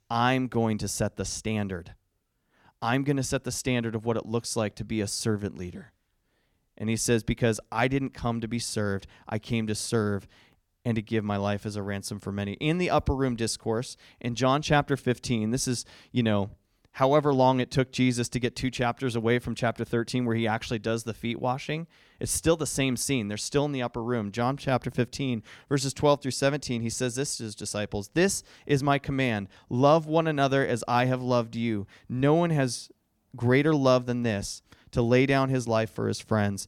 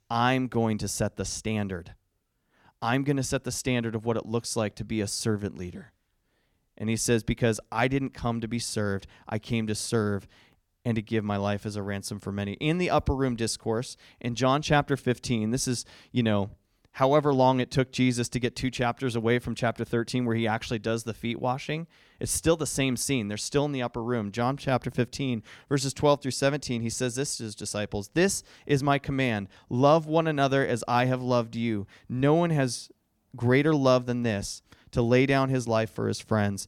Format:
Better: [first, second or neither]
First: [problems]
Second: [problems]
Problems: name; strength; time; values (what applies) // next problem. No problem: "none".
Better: neither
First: none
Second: none